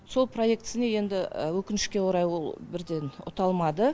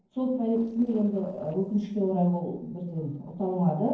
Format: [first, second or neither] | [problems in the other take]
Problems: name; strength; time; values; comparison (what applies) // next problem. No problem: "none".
first | noise reduction (neural separator model SepFormer DNS4)